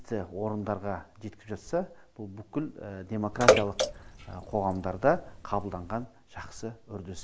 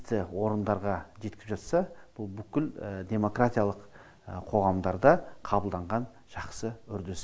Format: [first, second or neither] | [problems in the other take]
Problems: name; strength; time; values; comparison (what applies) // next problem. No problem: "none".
second | background sound (Bathtub (filling or washing) / Water / Splash, splatter); 3 dB above the speech